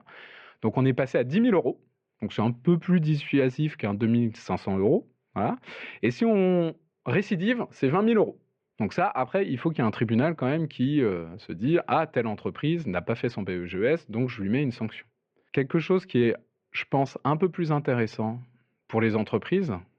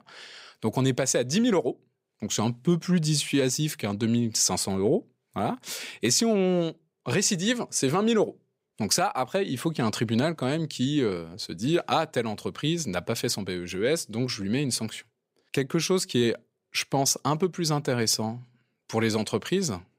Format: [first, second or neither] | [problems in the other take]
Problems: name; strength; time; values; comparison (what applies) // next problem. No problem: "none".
second | muffled; very; fading above 2.5 kHz